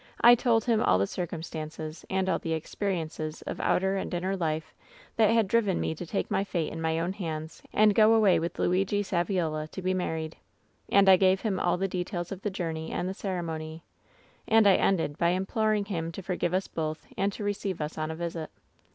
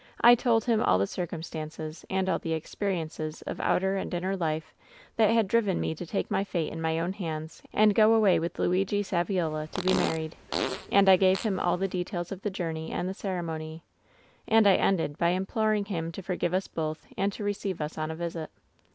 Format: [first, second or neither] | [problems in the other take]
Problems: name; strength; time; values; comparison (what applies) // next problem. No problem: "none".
first | background sound (Fart); 8 dB below the speech